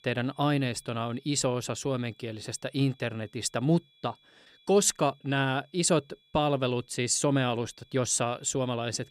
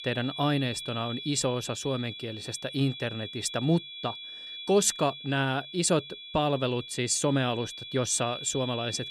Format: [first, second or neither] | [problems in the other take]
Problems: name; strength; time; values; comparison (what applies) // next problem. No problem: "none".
first | high-pitched whine; loud; throughout; 3.5 kHz, 10 dB below the speech; faint in the first